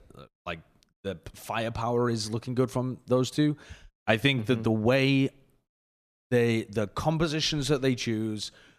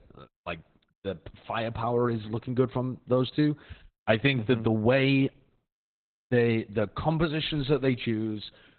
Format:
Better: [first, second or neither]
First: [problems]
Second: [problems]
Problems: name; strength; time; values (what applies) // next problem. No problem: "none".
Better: first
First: none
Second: garbled, watery; badly; nothing above 4 kHz